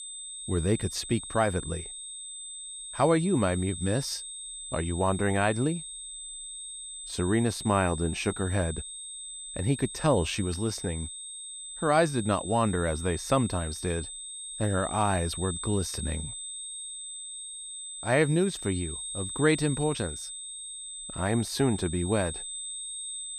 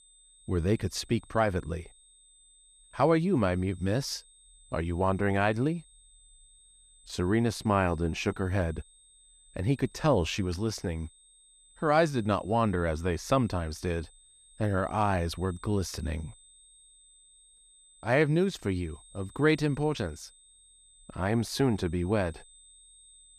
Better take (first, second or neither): second